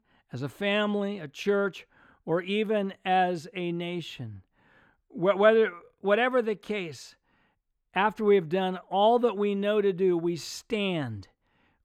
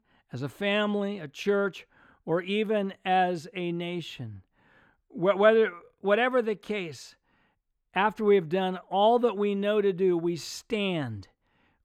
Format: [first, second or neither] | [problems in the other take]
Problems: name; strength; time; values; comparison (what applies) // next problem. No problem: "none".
neither | muffled; slightly; fading above 3 kHz; the same in both